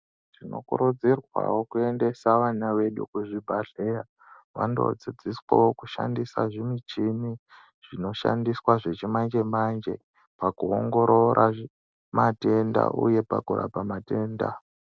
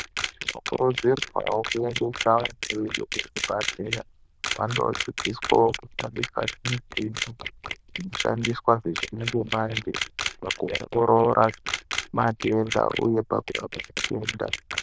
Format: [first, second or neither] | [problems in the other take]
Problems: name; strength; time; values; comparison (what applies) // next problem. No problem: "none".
first | noise reduction (neural diffusion model UNIVERSE++)